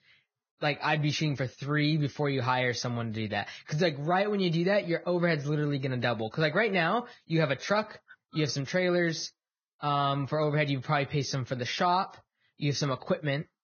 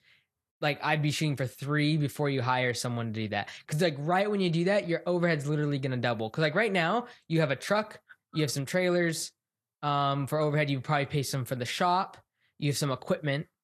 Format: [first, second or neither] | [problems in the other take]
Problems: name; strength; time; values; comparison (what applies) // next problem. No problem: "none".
second | garbled, watery; badly; nothing above 6.5 kHz; slightly in the second